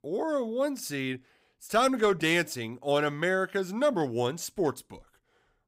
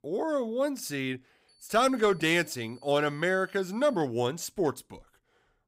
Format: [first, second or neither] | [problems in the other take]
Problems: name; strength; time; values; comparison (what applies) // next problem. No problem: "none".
first | high-pitched whine; faint; from 1.5 to 4 s; 4.5 kHz, 30 dB below the speech